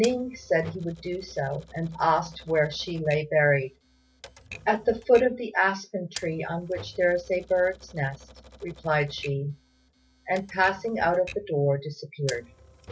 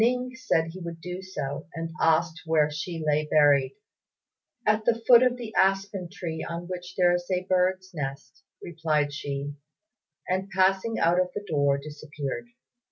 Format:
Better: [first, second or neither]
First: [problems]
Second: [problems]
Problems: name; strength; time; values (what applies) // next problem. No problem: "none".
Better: second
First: background sound (Typewriter); 19 dB below the speech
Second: none